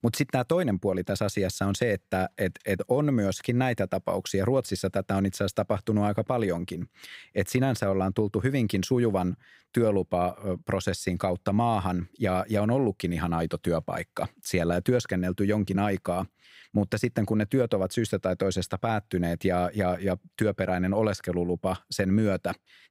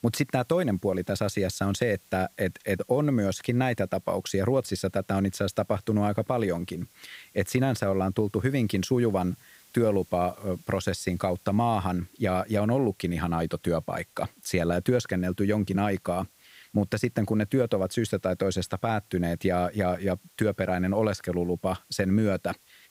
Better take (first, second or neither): first